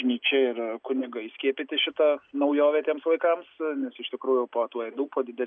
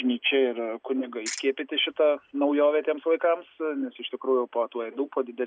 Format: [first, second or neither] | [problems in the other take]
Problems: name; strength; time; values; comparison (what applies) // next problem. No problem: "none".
first | background sound (Ratchet, pawl); 10 dB below the speech